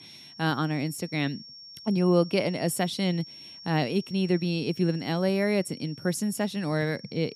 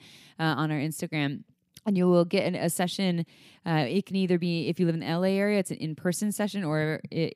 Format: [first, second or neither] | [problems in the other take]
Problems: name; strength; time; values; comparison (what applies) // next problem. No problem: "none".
second | high-pitched whine; noticeable; throughout; 5.5 kHz, 15 dB below the speech